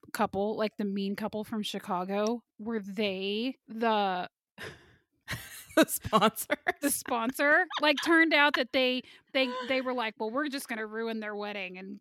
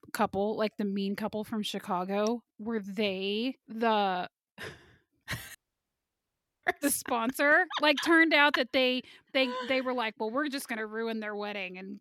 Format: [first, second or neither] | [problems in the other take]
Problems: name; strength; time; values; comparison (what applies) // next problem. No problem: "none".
first | audio cutting out; at 5.5 s for 1 s